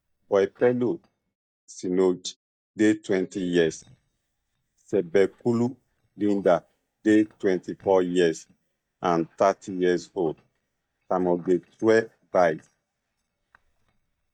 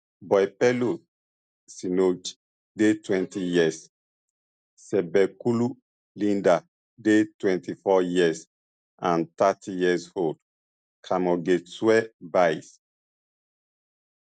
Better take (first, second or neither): second